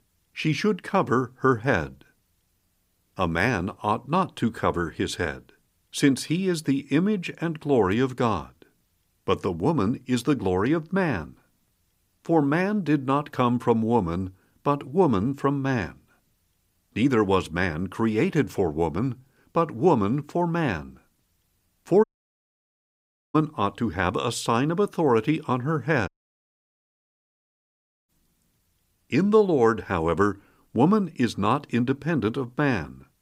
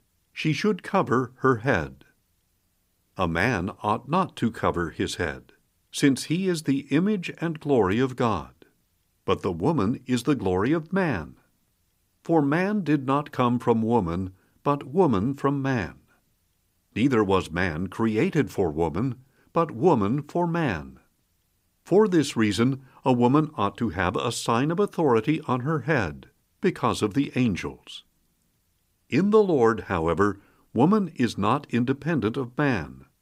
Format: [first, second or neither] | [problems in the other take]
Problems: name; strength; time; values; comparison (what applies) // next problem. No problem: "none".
second | audio cutting out; at 22 s for 1.5 s and at 26 s for 2 s